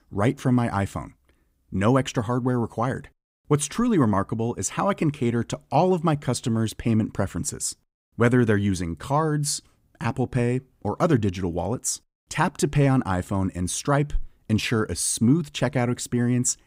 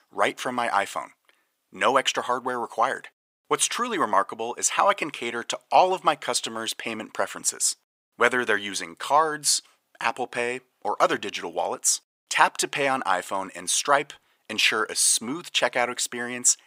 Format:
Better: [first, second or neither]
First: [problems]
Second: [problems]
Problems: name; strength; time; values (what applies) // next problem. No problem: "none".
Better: first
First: none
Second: thin; very; fading below 750 Hz